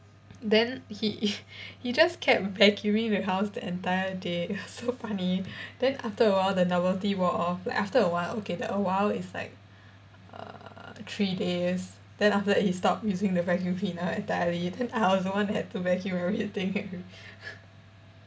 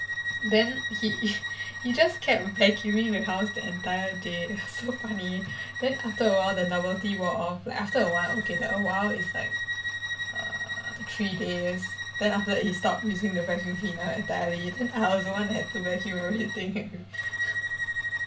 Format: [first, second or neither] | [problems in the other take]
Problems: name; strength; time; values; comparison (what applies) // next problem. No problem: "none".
first | background sound (Bowed string instrument); 5 dB below the speech // room echo; dies away in 0.2 s